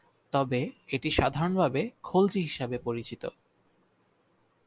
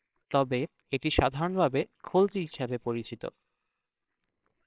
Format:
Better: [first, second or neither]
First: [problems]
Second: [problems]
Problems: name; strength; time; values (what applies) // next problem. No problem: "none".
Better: first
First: none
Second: noise reduction (neural separator model SepFormer WHAMR!)